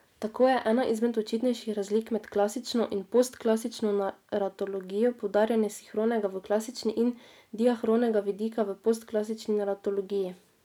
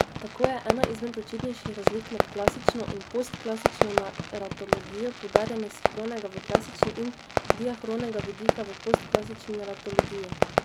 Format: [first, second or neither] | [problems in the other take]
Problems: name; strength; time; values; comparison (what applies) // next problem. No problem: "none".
first | background sound (Fireworks); 5 dB above the speech